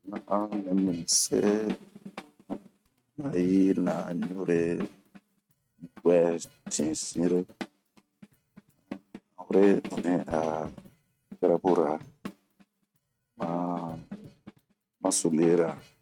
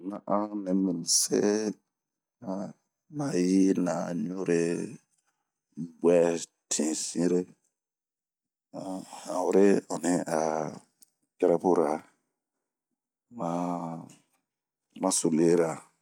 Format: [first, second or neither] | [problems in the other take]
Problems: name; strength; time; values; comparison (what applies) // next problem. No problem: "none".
second | noise reduction (neural mask model RNNoise)